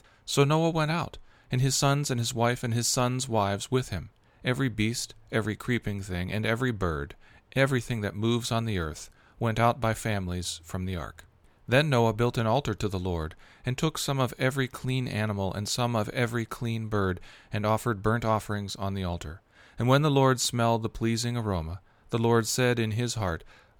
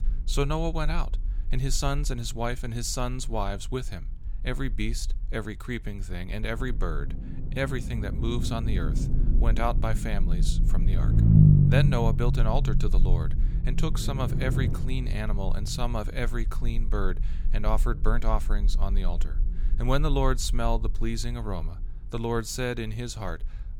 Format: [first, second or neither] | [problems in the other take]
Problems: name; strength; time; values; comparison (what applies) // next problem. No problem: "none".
first | low rumble; loud; throughout; 4 dB below the speech